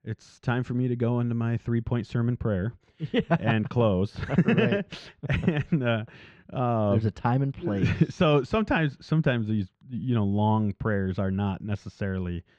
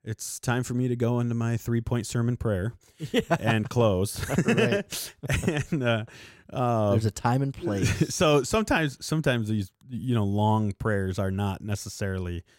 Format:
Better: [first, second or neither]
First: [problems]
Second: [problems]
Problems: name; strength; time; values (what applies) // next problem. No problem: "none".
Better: second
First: muffled; slightly; fading above 3.5 kHz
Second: none